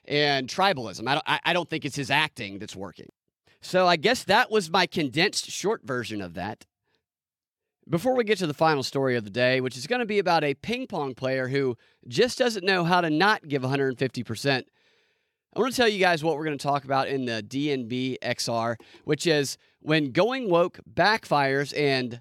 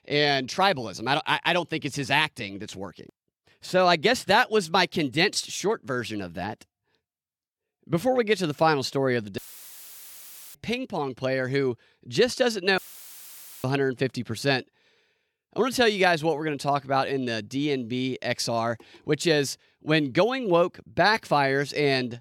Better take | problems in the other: first | audio cutting out; filled with static; at 9.5 s for 1 s and at 13 s for 1 s

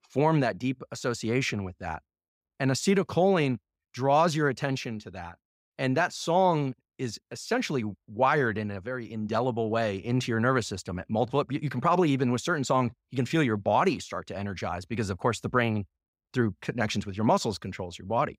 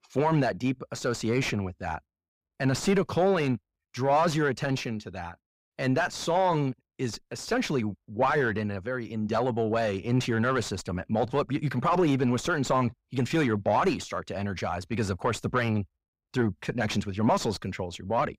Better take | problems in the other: first | distortion; slight; 9 dB below the speech

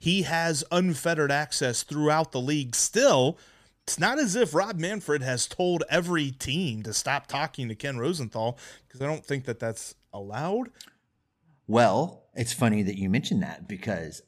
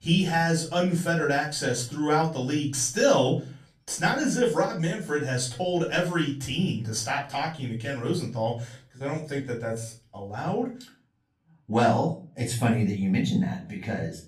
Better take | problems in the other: first | off-mic speech; far // room echo; slight; dies away in 0.3 s

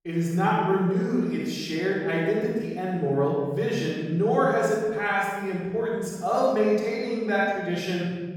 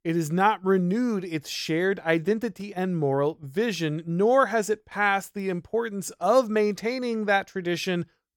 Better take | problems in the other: second | off-mic speech; far // room echo; strong; dies away in 1.6 s

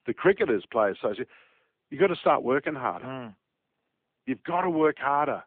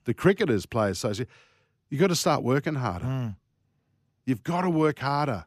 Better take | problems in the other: second | phone-call audio; nothing above 3.5 kHz

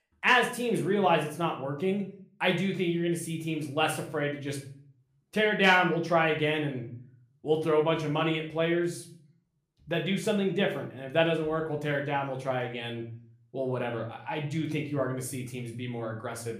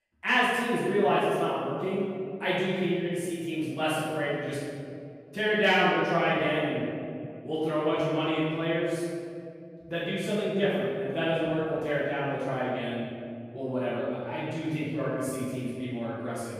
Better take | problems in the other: first | room echo; strong; dies away in 2.1 s; slight in the first // off-mic speech; far; somewhat distant in the first

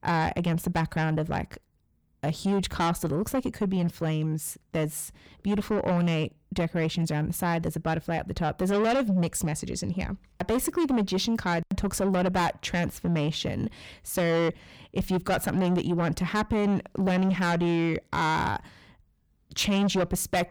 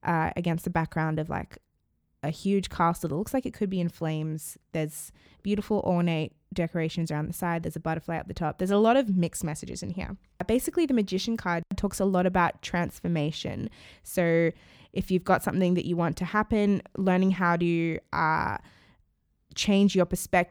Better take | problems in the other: second | distortion; heavy; 7 dB below the speech

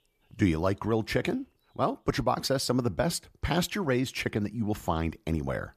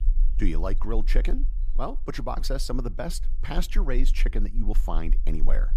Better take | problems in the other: first | low rumble; faint; throughout; 20 dB below the speech

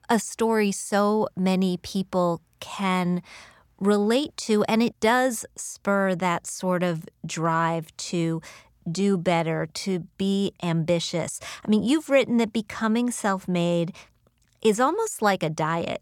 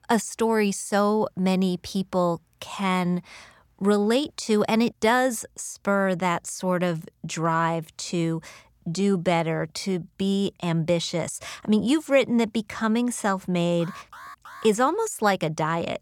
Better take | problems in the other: first | alarm; faint; at 14 s; peak 15 dB below the speech

